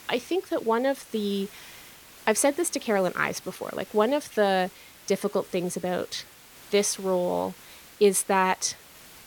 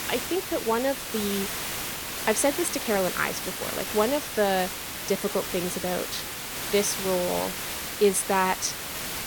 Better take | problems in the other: first | hiss; loud; throughout; 4 dB below the speech; faint in the first

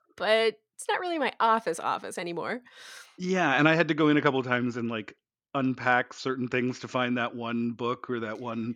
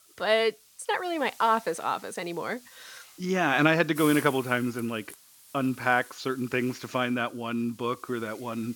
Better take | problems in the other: first | hiss; noticeable; throughout; 20 dB below the speech

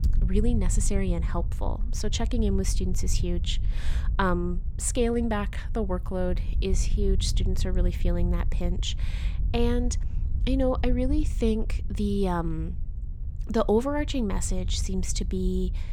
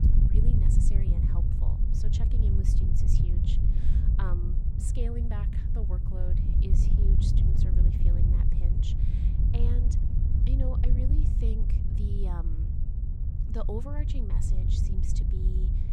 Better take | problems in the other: first | wind noise on the microphone; heavy; 2 dB above the speech; occasional gusts in the first

